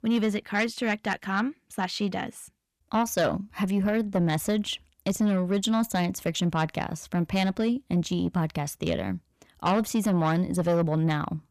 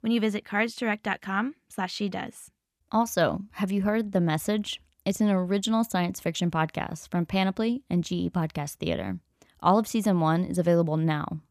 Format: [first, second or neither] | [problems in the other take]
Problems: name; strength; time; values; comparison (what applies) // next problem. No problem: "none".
second | distortion; slight; 10 dB below the speech